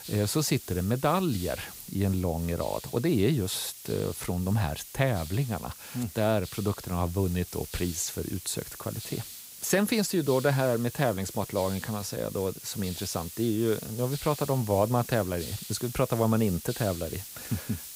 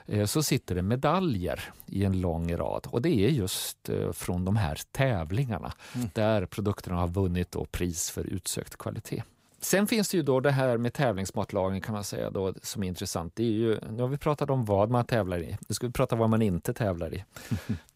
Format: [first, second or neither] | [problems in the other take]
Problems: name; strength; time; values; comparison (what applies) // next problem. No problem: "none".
second | hiss; noticeable; throughout; 10 dB below the speech